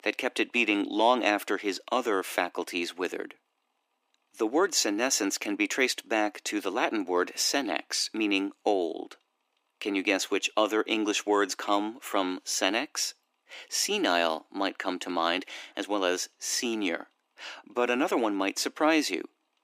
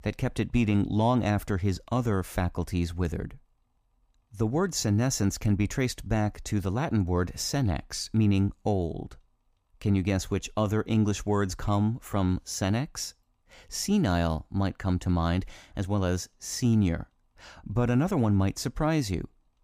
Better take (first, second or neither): second